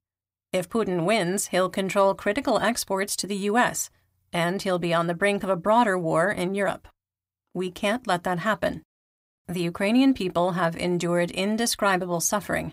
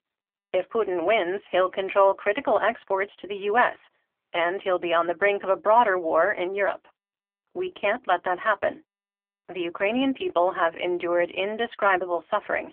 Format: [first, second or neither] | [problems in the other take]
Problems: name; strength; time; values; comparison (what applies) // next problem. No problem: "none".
first | phone-call audio; poor line; nothing above 3 kHz